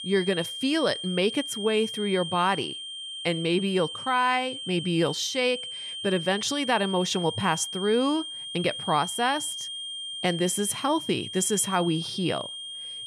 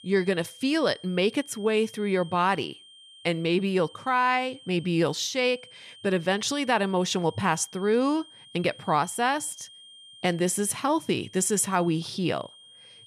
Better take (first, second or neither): second